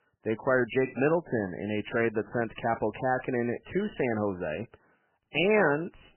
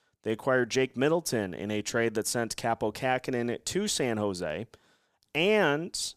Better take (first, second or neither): second